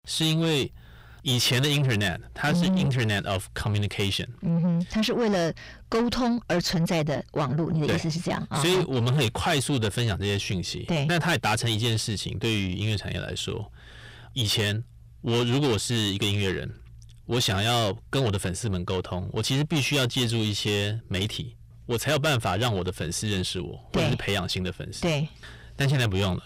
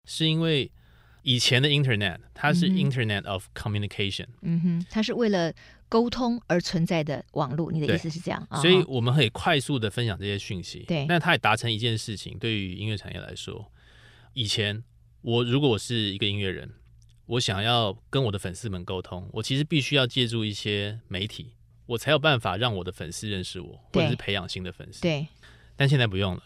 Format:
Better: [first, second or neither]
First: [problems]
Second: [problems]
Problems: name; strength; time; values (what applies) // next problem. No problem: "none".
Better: second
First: distortion; heavy; 7 dB below the speech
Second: none